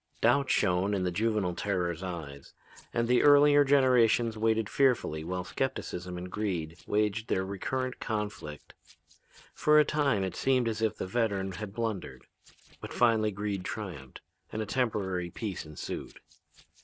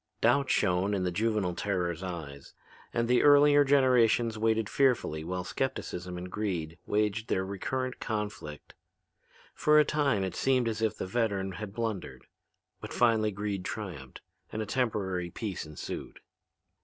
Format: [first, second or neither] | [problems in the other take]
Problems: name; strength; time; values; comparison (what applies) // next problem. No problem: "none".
second | noise reduction (neural separator model SepFormer DNS4)